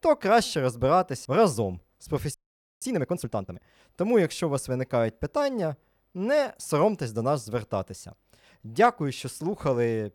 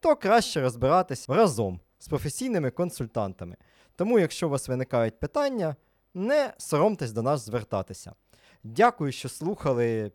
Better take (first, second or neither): second